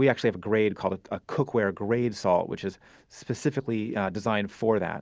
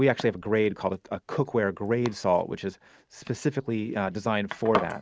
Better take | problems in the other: first | noise reduction (neural mask model RNNoise)

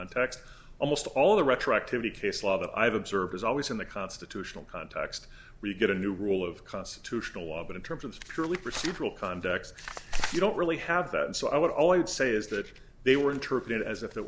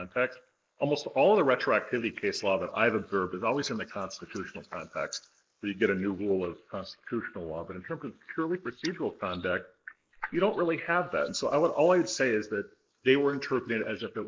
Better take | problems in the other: first | noise reduction (neural mask model Resemble Enhance denoiser)

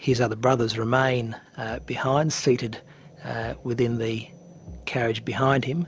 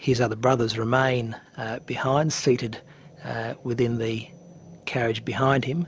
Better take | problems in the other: second | background sound (Bass drum); 20 dB below the speech

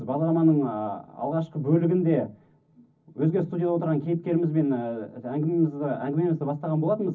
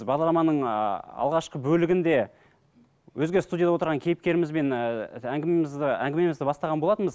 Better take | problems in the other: second | room echo; dies away in 0.4 s

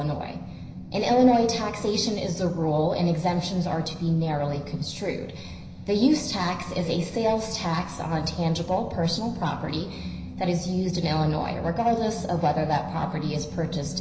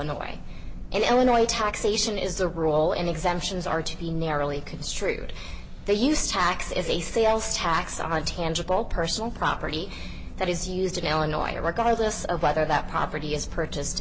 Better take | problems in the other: second | room echo; dies away in 0.9 s

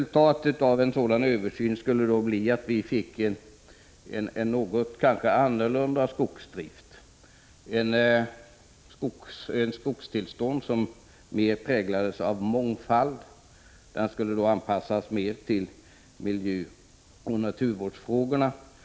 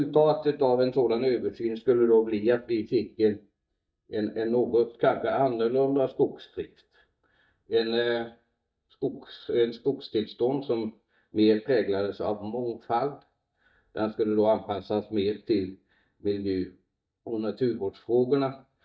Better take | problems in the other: first | noise reduction (neural mask model DeepFilterNet 3)

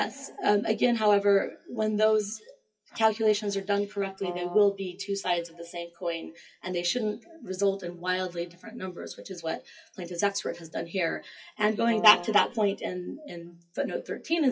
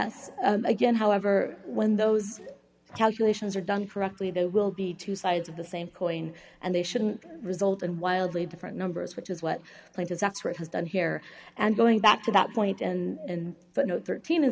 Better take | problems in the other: second | noise reduction (classical method WPE with log-MMSE)

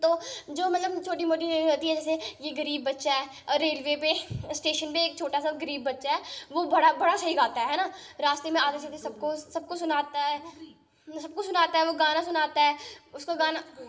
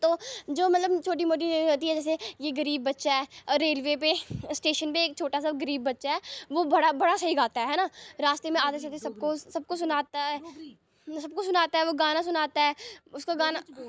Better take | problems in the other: second | room echo; dies away in 0.7 s

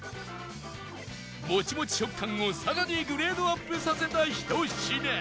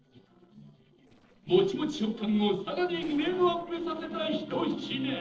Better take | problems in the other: first | noise reduction (neural separator model SepFormer DNS4)

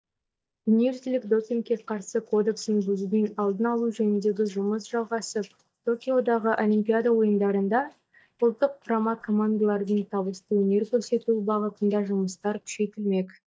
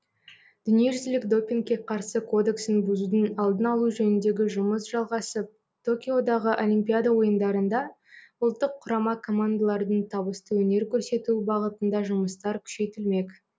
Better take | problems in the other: second | noise reduction (neural mask model DeepFilterNet 3)

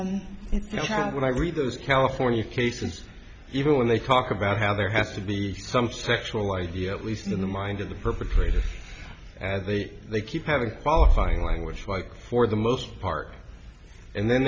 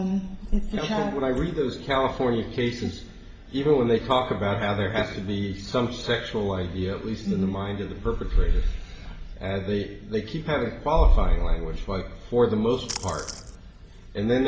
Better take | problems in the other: first | background sound (Splash, splatter); 12 dB below the speech // room echo; dies away in 1.8 s

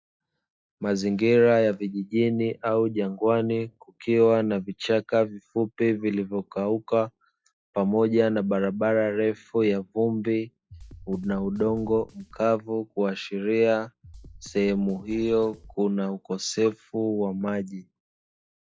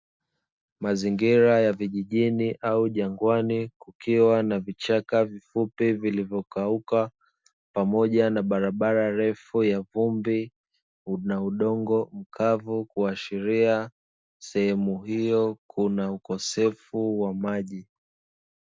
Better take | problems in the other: second | noise reduction (classical method log-MMSE)

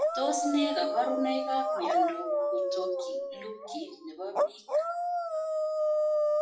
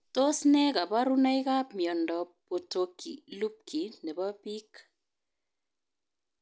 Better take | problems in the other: second | noise reduction (classical method WPE with log-MMSE)

